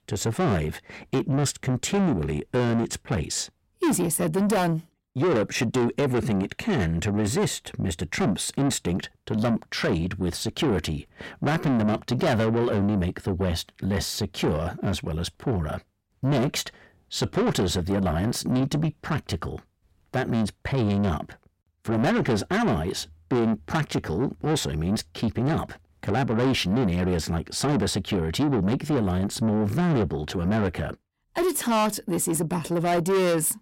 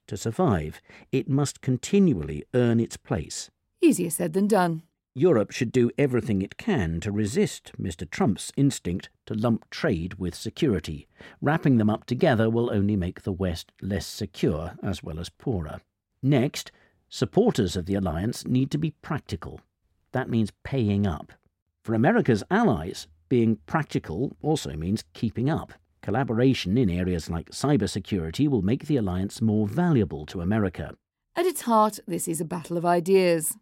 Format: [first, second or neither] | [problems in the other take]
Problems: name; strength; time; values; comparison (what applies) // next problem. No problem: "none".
second | distortion; heavy; 6 dB below the speech